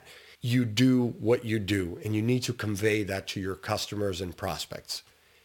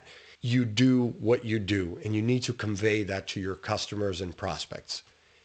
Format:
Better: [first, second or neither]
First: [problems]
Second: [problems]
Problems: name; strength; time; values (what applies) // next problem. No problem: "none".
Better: first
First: none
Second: garbled, watery; slightly; nothing above 8 kHz